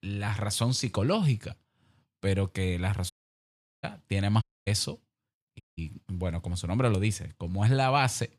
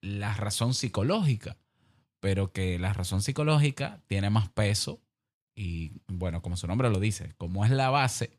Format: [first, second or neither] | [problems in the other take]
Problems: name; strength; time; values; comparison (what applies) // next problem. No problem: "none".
second | audio cutting out; at 3 s for 0.5 s, at 4.5 s and at 5.5 s